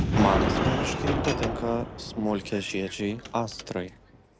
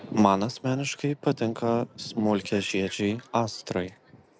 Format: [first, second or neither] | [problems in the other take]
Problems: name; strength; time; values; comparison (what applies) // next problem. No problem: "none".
second | background sound (Gunshot, gunfire); as loud as the speech